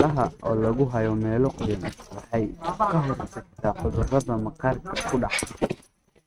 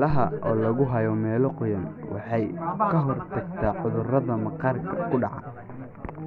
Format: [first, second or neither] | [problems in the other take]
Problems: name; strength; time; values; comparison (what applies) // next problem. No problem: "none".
second | noise reduction (neural mask model RNNoise)